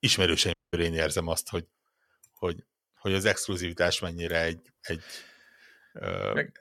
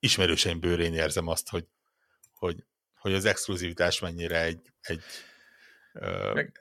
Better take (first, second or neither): second